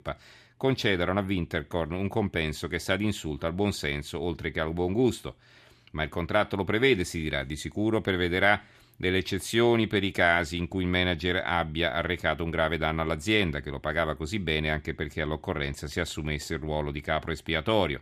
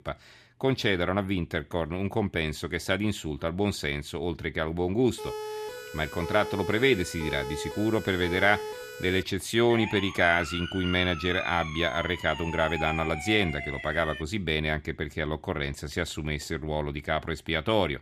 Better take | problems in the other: first | siren; noticeable; from 5 to 9 s and from 9.5 to 14 s; peak 6 dB below the speech

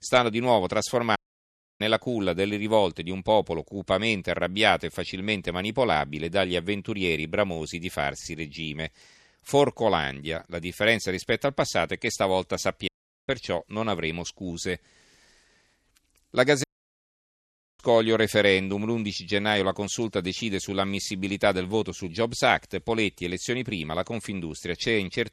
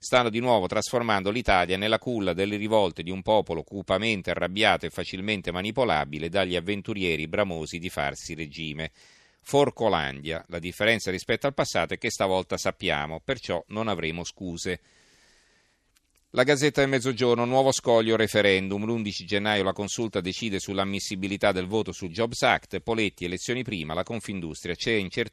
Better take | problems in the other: second | audio cutting out; at 1 s for 0.5 s, at 13 s and at 17 s for 1 s

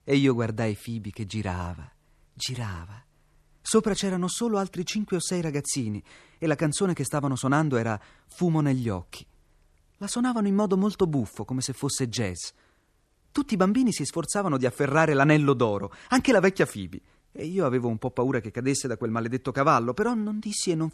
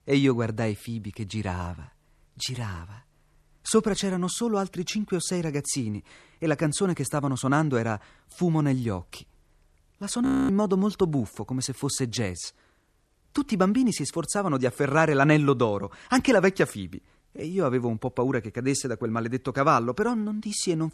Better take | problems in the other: first | audio freezing; at 10 s

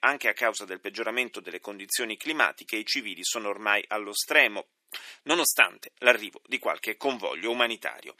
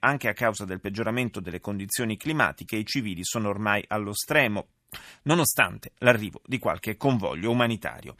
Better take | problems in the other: second | thin; somewhat; fading below 350 Hz

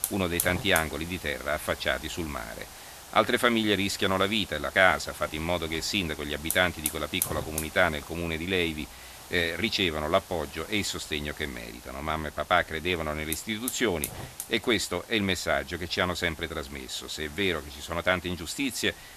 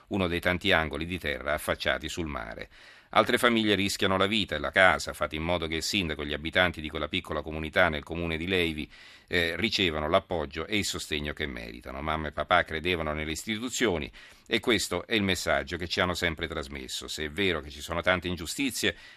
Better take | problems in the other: second | hiss; noticeable; throughout; 10 dB below the speech

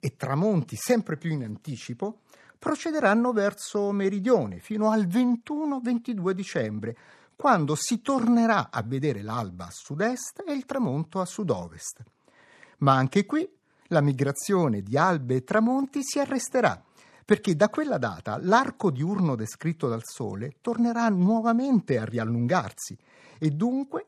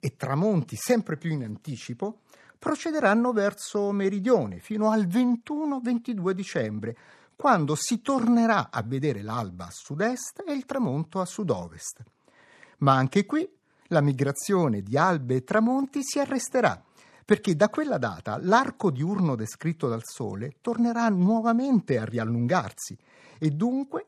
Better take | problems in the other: neither | none

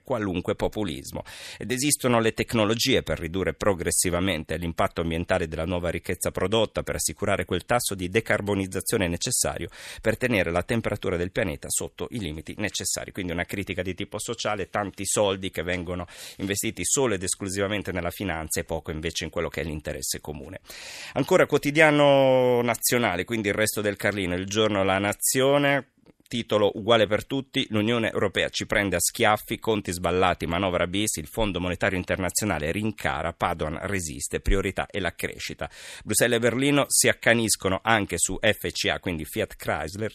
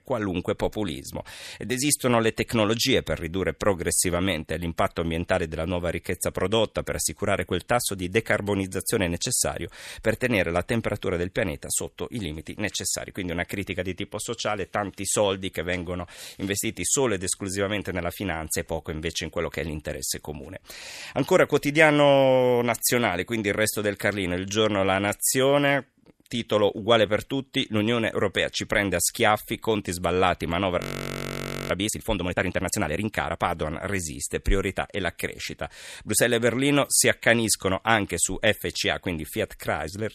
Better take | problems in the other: first | audio freezing; at 31 s for 1 s

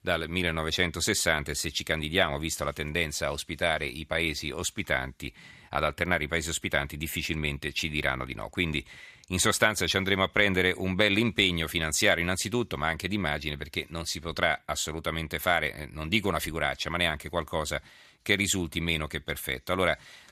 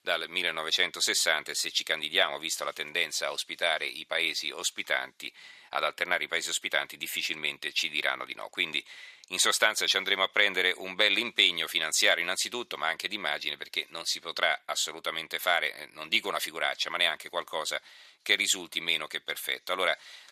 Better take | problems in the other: first | thin; very; fading below 500 Hz

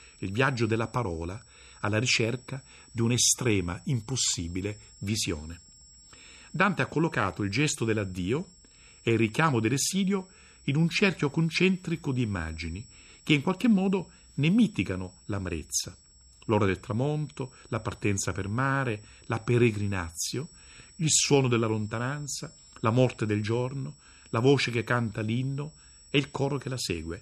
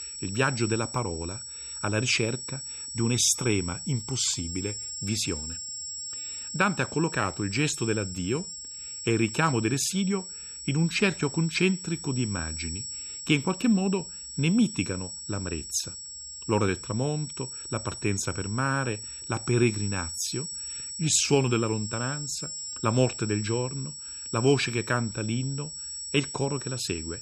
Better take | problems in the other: first | high-pitched whine; loud; throughout; 8 kHz, 7 dB below the speech; faint in the first

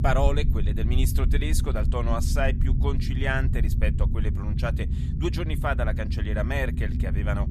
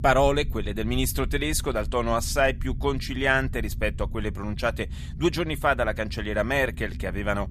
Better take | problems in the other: second | low rumble; loud; throughout; 9 dB below the speech; faint in the second

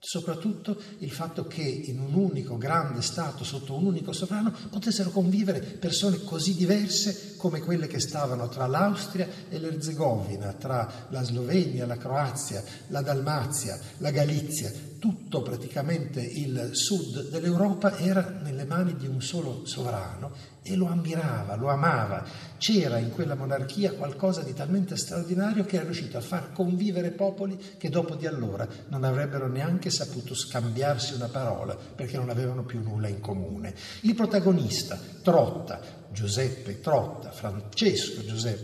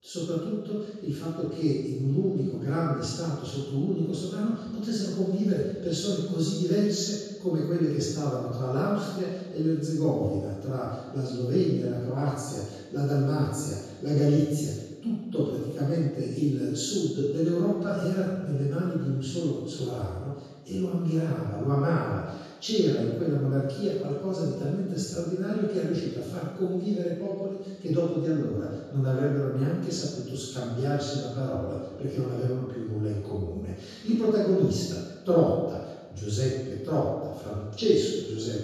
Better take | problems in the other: first | room echo; strong; dies away in 1.2 s; slight in the first // off-mic speech; far

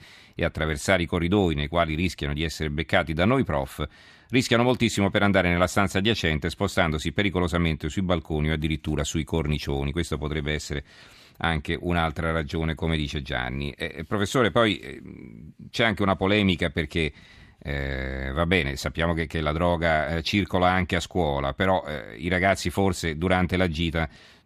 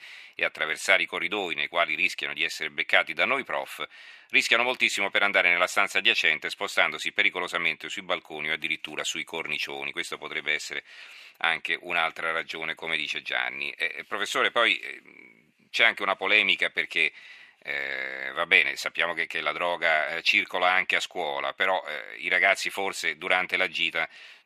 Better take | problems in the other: first | thin; very; fading below 600 Hz

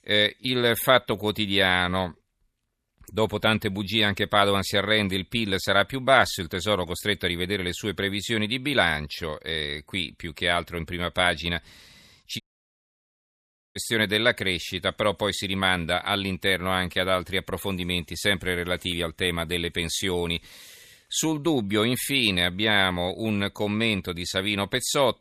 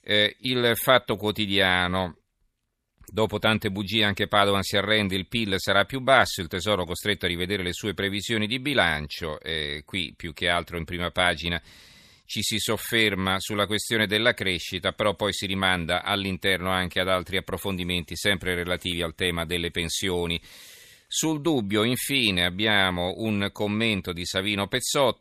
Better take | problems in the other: second | audio cutting out; at 12 s for 1.5 s

